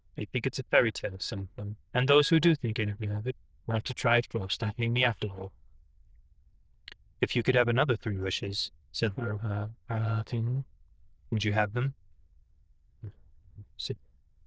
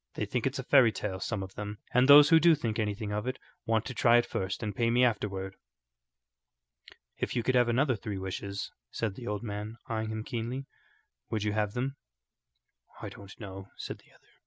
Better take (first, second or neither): second